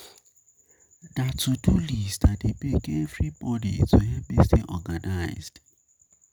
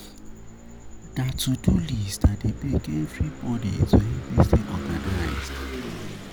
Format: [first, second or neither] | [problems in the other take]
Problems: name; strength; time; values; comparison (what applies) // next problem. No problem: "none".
first | background sound (Engine / Vehicle); 10 dB below the speech